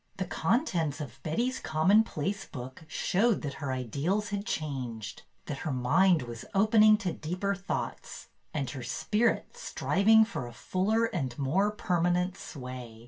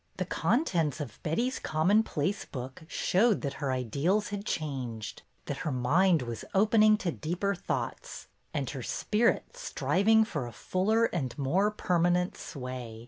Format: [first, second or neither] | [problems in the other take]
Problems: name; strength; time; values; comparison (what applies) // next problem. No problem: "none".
second | room echo; dies away in 0.1 s